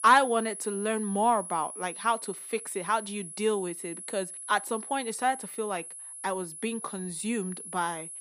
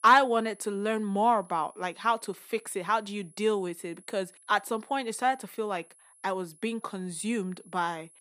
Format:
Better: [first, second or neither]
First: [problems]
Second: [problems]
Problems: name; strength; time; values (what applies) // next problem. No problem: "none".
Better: second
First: high-pitched whine; loud; throughout; 10.5 kHz, 9 dB below the speech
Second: high-pitched whine; faint; throughout; 10.5 kHz, 25 dB below the speech